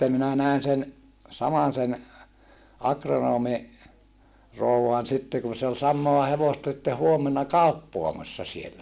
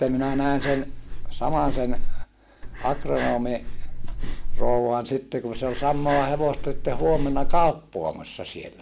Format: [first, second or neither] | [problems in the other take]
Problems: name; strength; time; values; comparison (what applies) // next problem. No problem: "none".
first | background sound (Breathing); 3 dB above the speech